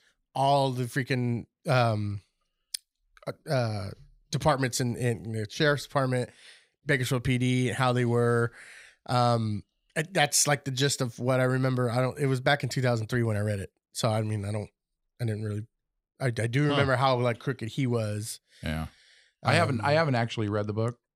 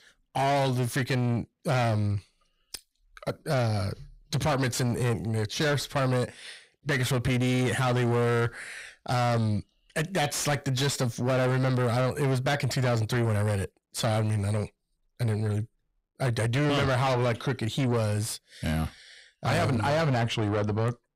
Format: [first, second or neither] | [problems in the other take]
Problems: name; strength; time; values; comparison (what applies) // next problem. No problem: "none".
first | distortion; heavy; 6 dB below the speech